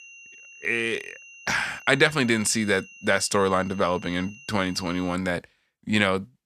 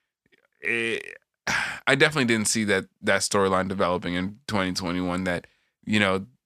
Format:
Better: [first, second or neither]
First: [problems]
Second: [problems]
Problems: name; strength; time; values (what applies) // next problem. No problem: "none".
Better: second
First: high-pitched whine; faint; until 5 s; 3 kHz, 20 dB below the speech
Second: none